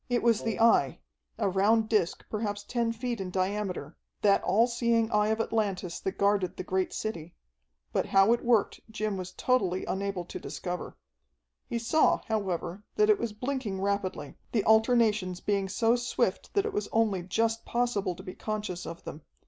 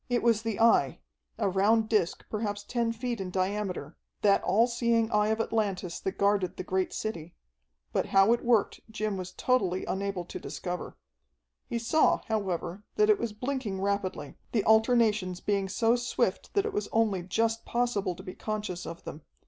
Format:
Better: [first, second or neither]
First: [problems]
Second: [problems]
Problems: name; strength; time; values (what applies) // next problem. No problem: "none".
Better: second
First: background sound (Wind instrument, woodwind instrument); 14 dB below the speech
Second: none